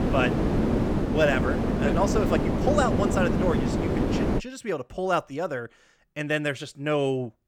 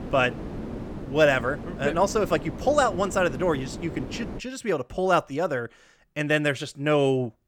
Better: second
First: wind noise on the microphone; heavy; until 4.5 s; 2 dB below the speech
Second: wind noise on the microphone; occasional gusts; until 4.5 s; 15 dB below the speech

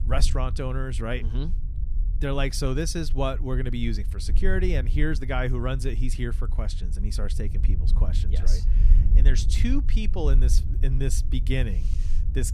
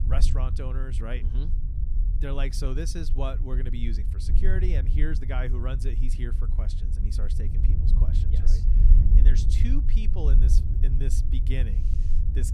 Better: first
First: wind noise on the microphone; occasional gusts; 15 dB below the speech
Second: wind noise on the microphone; heavy; 5 dB below the speech

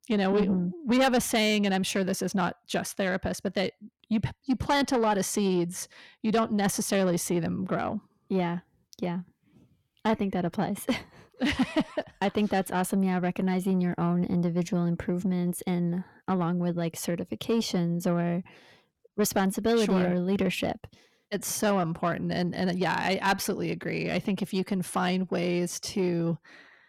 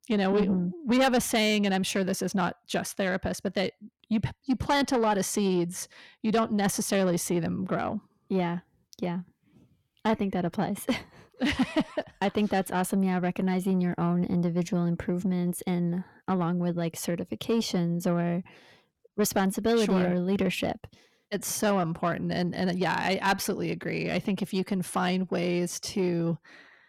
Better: neither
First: distortion; slight; 10 dB below the speech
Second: distortion; slight; 10 dB below the speech

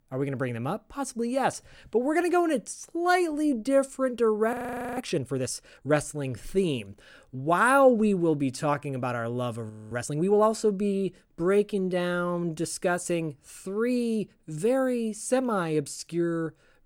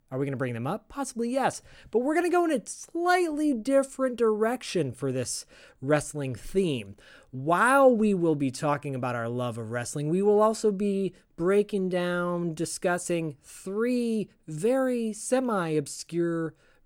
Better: second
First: audio freezing; at 4.5 s and at 9.5 s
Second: none

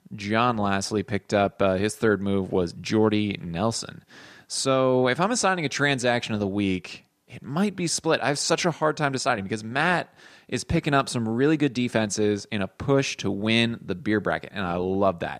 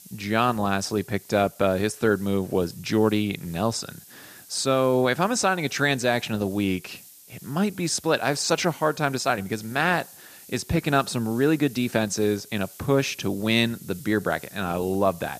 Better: first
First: none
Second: hiss; faint; throughout; 20 dB below the speech

